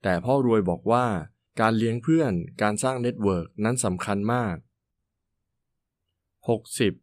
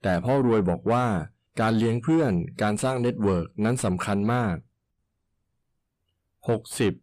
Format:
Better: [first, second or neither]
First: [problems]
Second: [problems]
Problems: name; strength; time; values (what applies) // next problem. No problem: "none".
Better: first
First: none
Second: distortion; slight; 10 dB below the speech